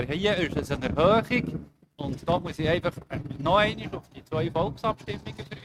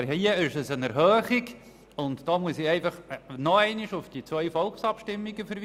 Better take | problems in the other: second | noise reduction (neural mask model RNNoise)

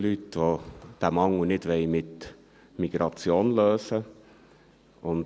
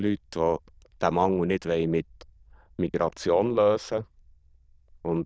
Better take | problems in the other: first | noise reduction (neural diffusion model UNIVERSE++)

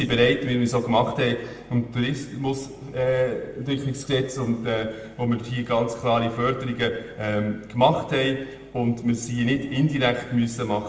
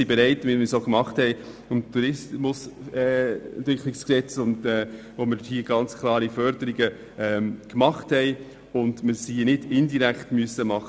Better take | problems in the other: second | room echo; dies away in 0.9 s

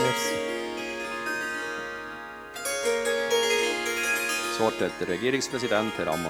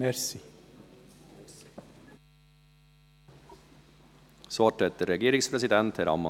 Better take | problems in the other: second | background sound (Harp); 3 dB above the speech

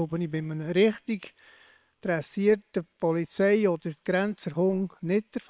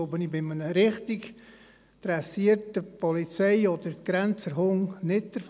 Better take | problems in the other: second | noise reduction (neural separator model SepFormer WHAM!)

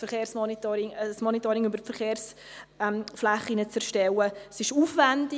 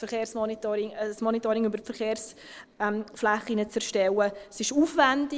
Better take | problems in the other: first | noise reduction (neural separator model SepFormer DNS4)

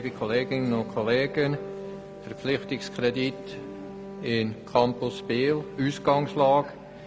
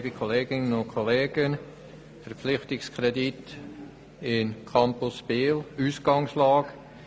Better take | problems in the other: second | background sound (Wind instrument, woodwind instrument + Bowed string instrument); 13 dB below the speech

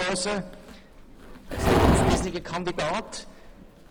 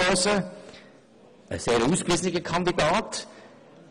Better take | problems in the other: second | background sound (Livestock, farm animals, working animals); 3 dB above the speech

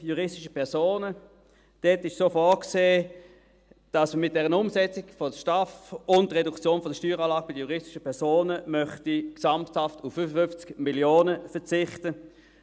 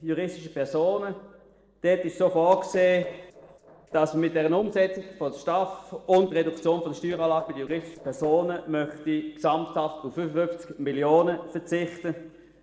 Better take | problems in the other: first | noise reduction (neural separator model SepFormer DNS4)

